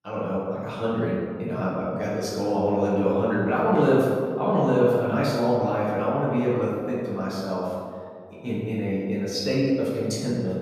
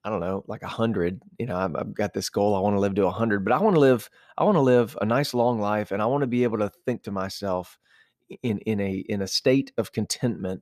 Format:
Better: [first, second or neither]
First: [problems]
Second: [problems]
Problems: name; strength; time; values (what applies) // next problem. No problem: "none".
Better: second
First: room echo; strong; dies away in 1.8 s // off-mic speech; far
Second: none